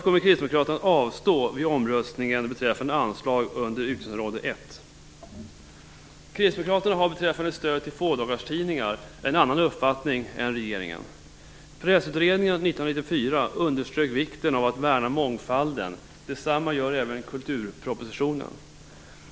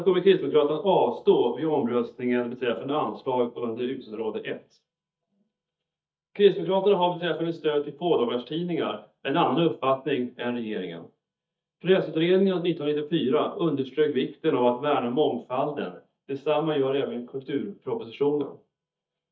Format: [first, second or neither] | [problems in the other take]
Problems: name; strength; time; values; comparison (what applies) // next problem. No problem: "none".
first | noise reduction (neural mask model DeepFilterNet 3)